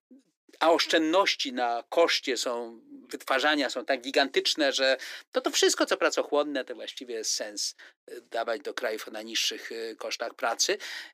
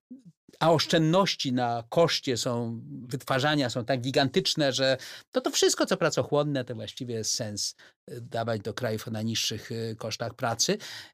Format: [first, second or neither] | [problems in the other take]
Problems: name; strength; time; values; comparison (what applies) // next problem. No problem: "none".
second | thin; somewhat; fading below 300 Hz